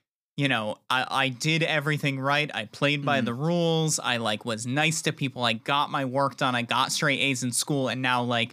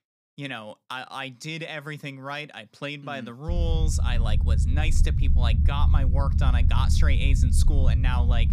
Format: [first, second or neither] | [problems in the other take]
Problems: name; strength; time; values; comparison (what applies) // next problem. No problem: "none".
first | low rumble; loud; from 3.5 s on; 7 dB below the speech